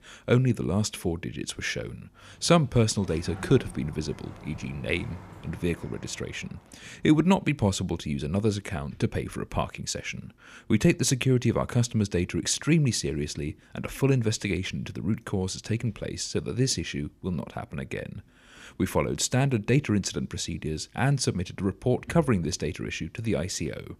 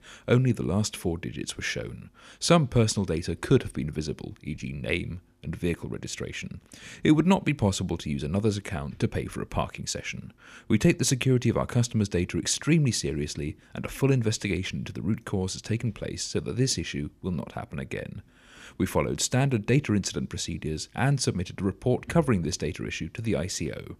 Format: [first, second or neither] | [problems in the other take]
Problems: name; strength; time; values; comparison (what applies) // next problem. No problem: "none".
second | door banging; faint; from 2 to 7 s; peak 15 dB below the speech